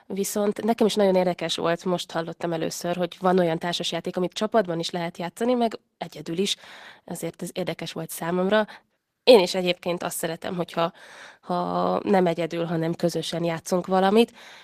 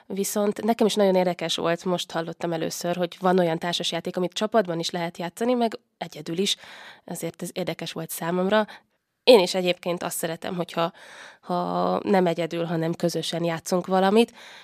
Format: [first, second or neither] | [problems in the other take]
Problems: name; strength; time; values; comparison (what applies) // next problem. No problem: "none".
second | garbled, watery; slightly; nothing above 14.5 kHz